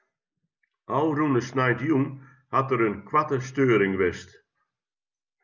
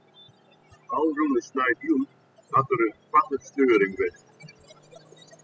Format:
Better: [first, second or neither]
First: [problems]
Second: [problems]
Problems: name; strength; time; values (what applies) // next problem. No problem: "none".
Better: first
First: none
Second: noise reduction (classical method spectral subtraction)